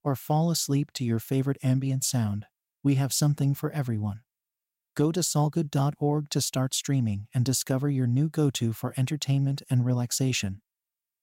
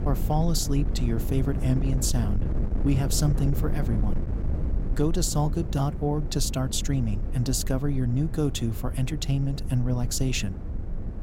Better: first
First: none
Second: wind noise on the microphone; occasional gusts; 10 dB below the speech

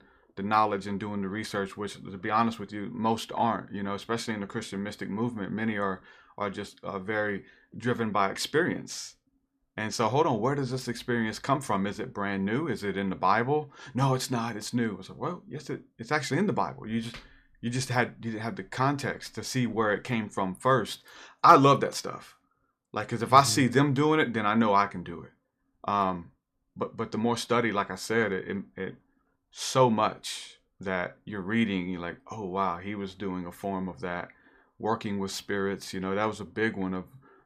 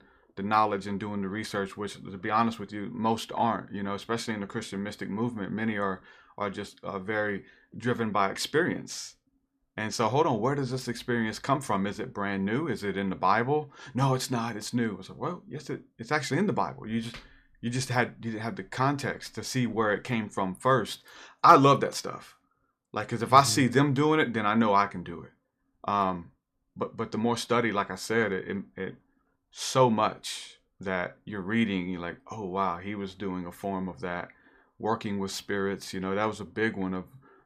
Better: neither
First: none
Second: none

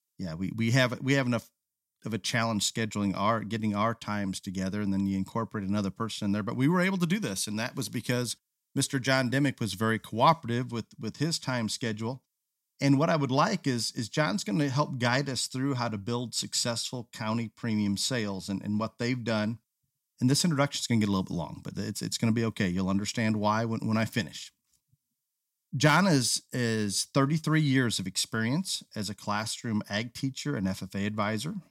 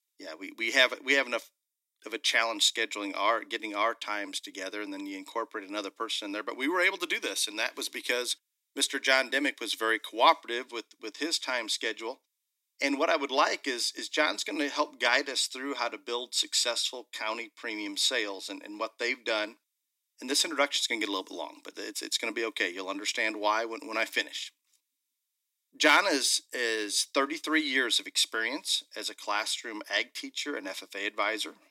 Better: first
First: none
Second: thin; very; fading below 300 Hz

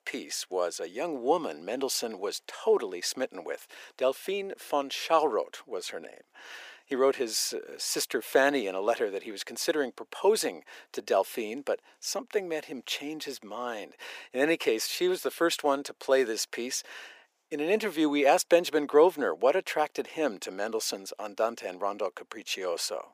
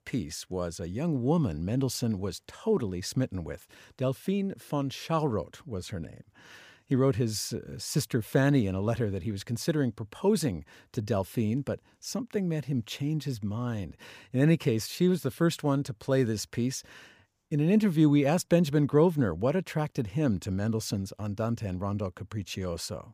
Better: second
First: thin; very; fading below 350 Hz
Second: none

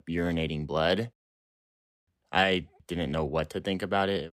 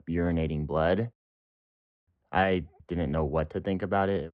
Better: first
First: none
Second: muffled; very; fading above 1.5 kHz

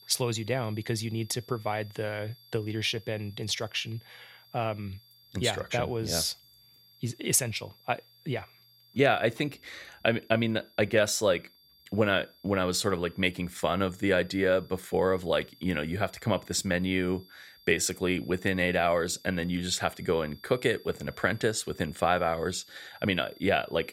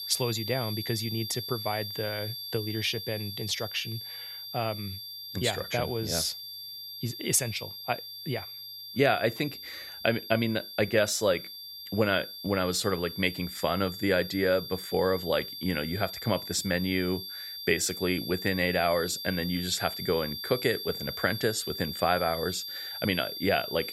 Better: first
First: high-pitched whine; faint; throughout; 4.5 kHz, 25 dB below the speech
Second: high-pitched whine; loud; throughout; 4.5 kHz, 7 dB below the speech

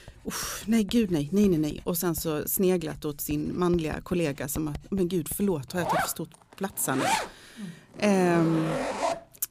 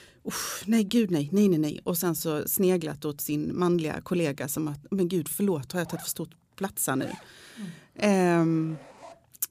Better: second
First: household noises; loud; throughout; 5 dB below the speech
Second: household noises; faint; throughout; 25 dB below the speech

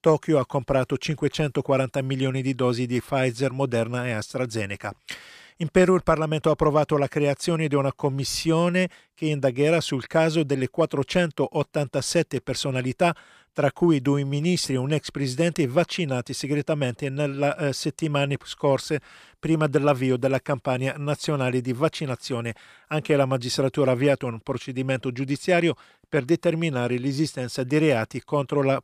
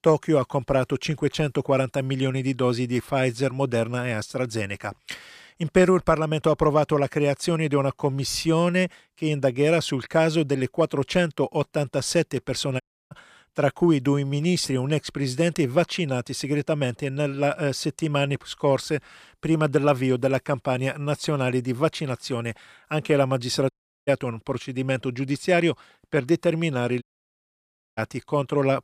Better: first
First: none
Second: audio cutting out; at 13 s, at 24 s and at 27 s for 1 s

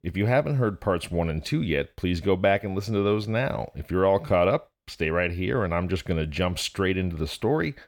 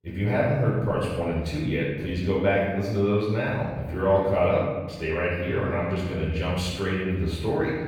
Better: first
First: none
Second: room echo; strong; dies away in 1.1 s // off-mic speech; far

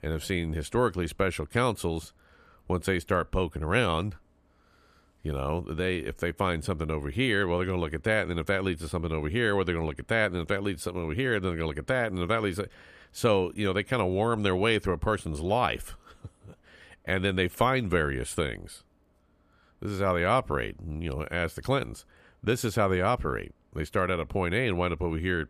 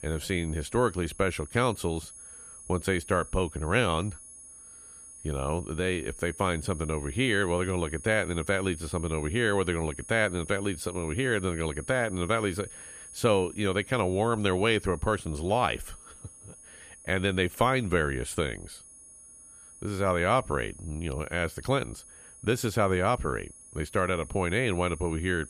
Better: first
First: none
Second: high-pitched whine; noticeable; throughout; 10.5 kHz, 15 dB below the speech

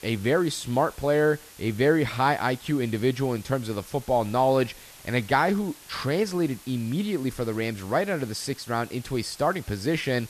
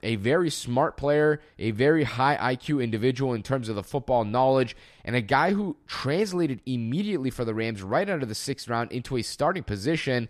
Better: second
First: hiss; faint; throughout; 20 dB below the speech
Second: none

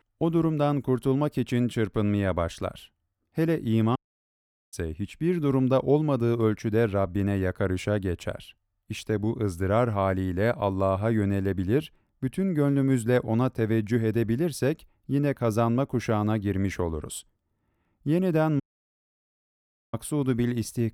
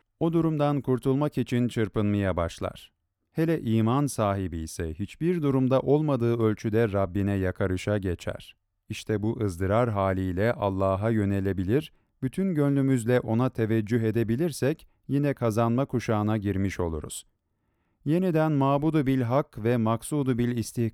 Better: second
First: audio cutting out; at 4 s for 1 s and at 19 s for 1.5 s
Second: none

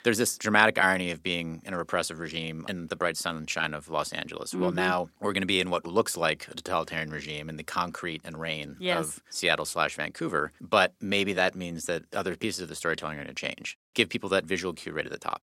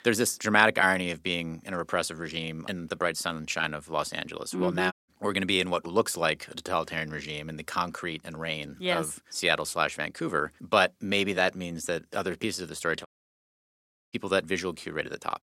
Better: first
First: none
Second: audio cutting out; at 5 s and at 13 s for 1 s

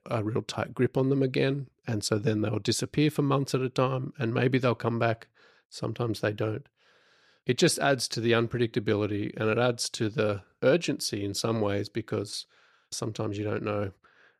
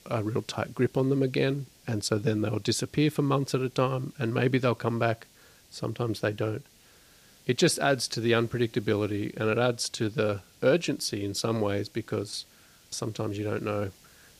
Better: first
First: none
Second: hiss; faint; throughout; 25 dB below the speech

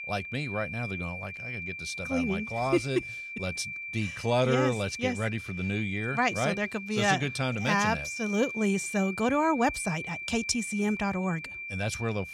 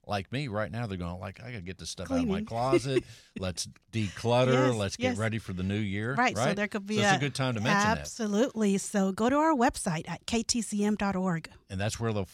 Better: second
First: high-pitched whine; loud; throughout; 2.5 kHz, 7 dB below the speech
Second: none

